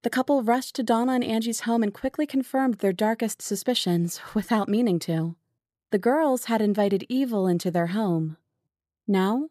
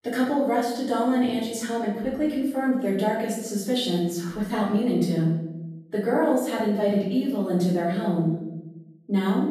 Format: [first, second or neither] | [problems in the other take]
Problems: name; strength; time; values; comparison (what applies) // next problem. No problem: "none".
first | off-mic speech; far // room echo; noticeable; dies away in 0.8 s